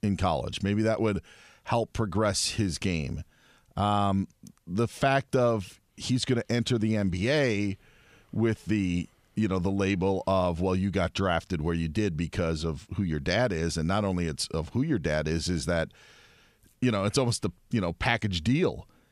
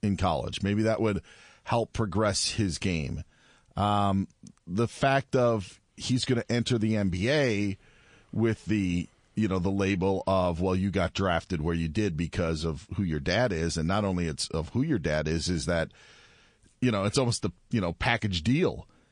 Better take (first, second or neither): first